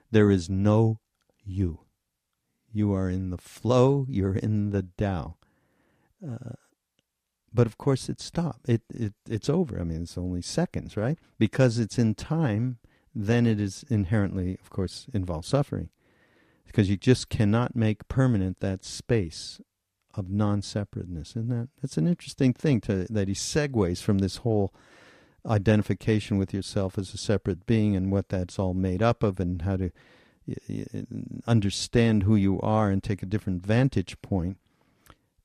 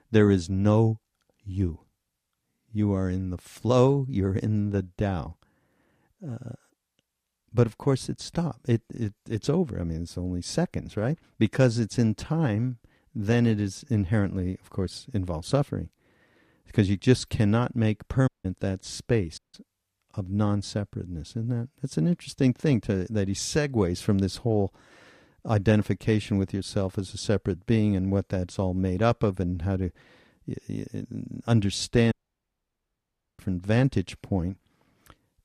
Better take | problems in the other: first | audio cutting out; at 18 s, at 19 s and at 32 s for 1.5 s

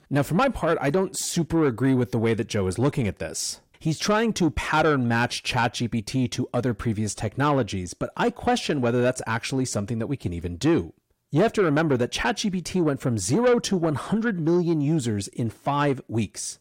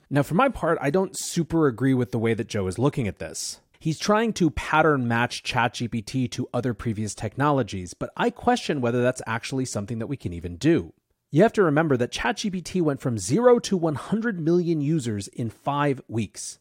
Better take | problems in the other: second | distortion; slight; 10 dB below the speech

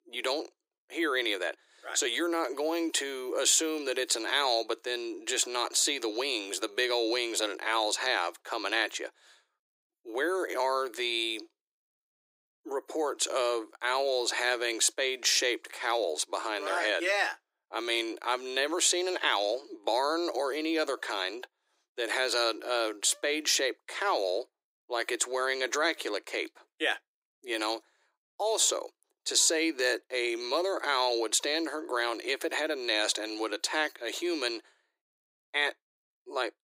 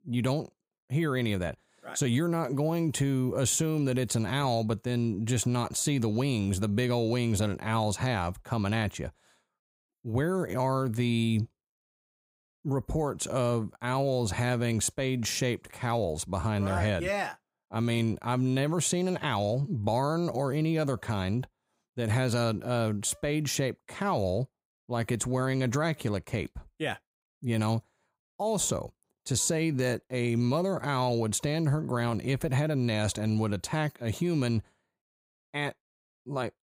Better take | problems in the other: second | thin; very; fading below 300 Hz

